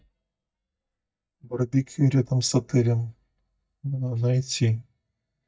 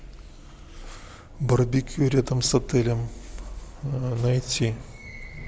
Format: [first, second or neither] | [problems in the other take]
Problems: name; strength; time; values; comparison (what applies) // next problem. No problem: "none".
second | noise reduction (neural mask model DeepFilterNet 3)